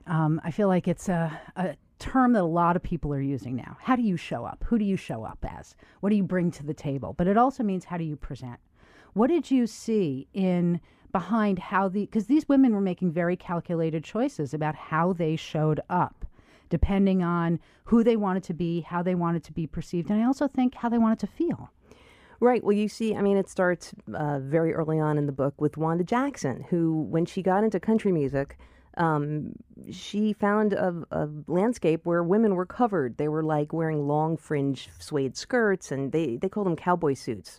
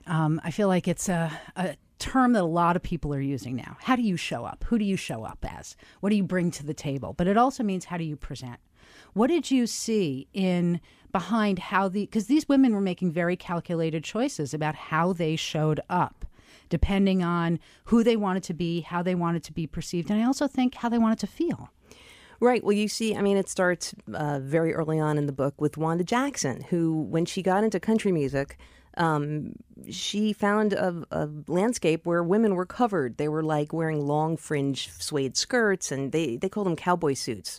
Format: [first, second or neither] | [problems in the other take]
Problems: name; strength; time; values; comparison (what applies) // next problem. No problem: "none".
second | muffled; slightly; fading above 2.5 kHz